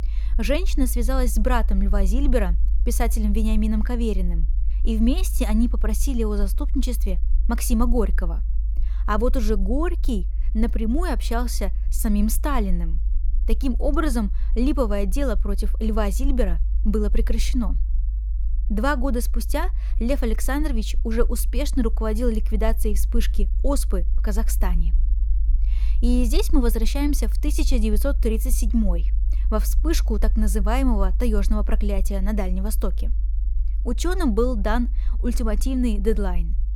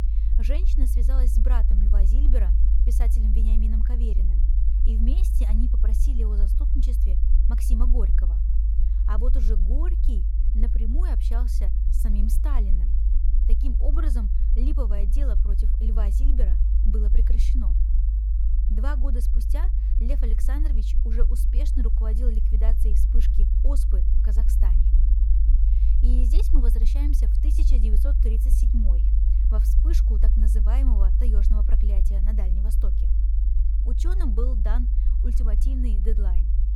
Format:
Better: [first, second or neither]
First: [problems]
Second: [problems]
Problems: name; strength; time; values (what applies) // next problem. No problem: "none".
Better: first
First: low rumble; faint; throughout; 20 dB below the speech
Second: low rumble; loud; throughout; 4 dB below the speech